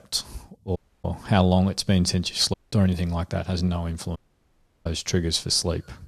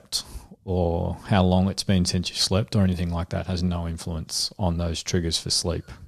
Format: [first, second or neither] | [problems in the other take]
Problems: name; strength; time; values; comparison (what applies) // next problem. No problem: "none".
second | audio cutting out; at 1 s, at 2.5 s and at 4 s for 0.5 s